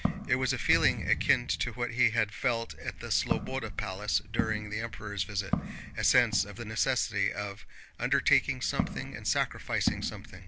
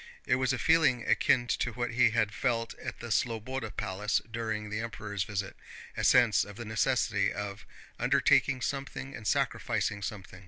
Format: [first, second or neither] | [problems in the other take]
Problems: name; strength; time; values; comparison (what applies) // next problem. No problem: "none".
second | background sound (Walk, footsteps + Thump, thud); 6 dB below the speech